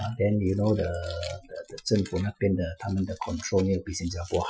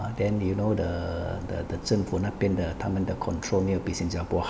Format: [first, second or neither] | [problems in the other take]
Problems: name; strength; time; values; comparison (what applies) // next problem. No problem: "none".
second | noise reduction (classical method Wiener filter)